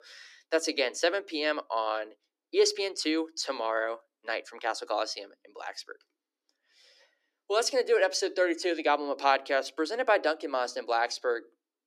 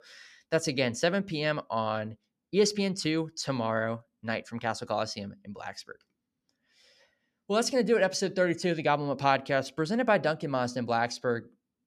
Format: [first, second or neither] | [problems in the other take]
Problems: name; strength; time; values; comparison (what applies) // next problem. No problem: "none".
second | thin; somewhat; fading below 300 Hz